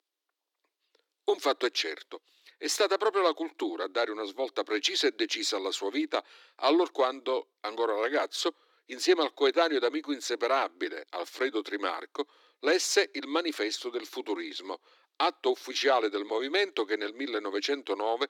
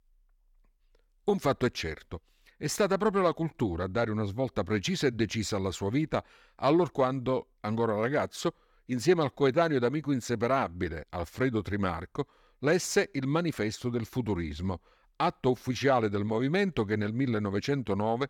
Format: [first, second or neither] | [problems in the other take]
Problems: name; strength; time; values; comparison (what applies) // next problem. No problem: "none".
second | thin; somewhat; fading below 300 Hz